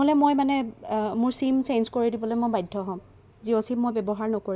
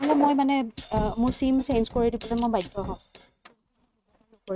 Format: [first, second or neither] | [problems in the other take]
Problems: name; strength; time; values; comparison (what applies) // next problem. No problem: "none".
first | noise reduction (neural mask model RNNoise)